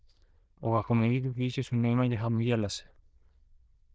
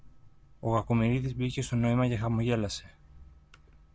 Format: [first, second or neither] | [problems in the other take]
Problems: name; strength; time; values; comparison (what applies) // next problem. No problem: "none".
second | noise reduction (neural diffusion model UNIVERSE++)